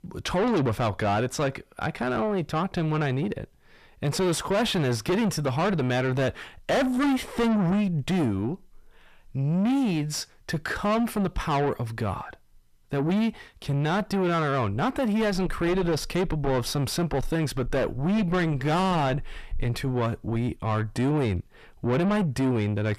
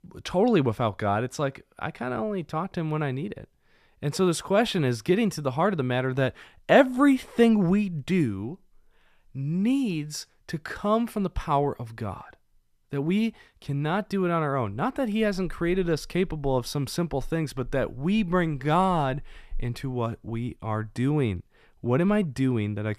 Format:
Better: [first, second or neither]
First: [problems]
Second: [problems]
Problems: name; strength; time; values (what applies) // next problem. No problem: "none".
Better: second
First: distortion; heavy; 5 dB below the speech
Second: none